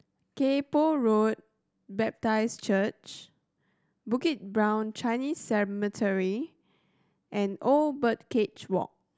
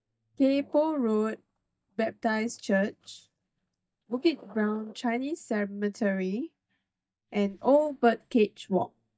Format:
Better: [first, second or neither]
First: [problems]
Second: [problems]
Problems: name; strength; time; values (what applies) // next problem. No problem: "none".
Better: first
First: none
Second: noise reduction (neural mask model DeepFilterNet 3)